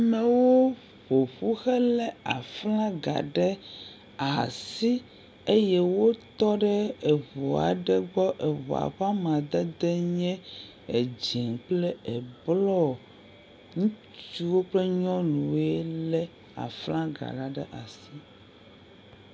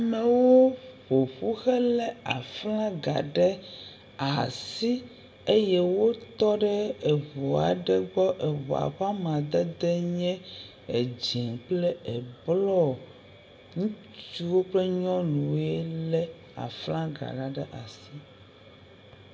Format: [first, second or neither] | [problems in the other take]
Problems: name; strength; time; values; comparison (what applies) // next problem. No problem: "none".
first | room echo; dies away in 0.5 s